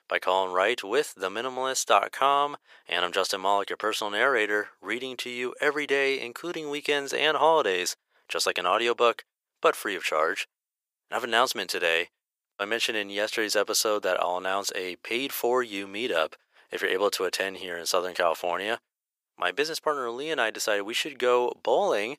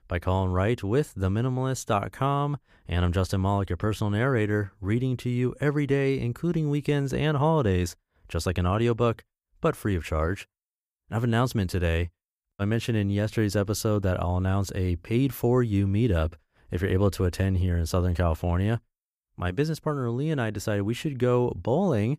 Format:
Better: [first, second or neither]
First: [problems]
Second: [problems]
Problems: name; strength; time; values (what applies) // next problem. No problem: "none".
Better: second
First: thin; very; fading below 500 Hz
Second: none